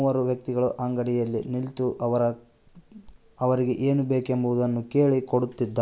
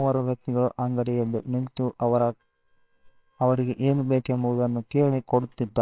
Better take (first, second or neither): first